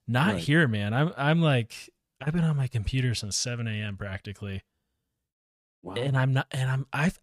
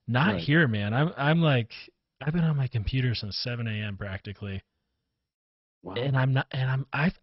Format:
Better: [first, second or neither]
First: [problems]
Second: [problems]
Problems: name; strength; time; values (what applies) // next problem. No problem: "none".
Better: first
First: none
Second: garbled, watery; badly; nothing above 5.5 kHz